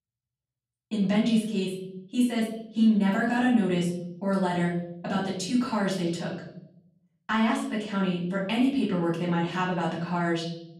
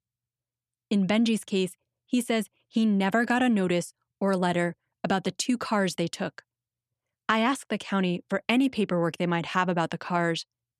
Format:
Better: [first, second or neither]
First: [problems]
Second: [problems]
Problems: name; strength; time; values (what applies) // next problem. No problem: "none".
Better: second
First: room echo; noticeable; dies away in 0.8 s // off-mic speech; far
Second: none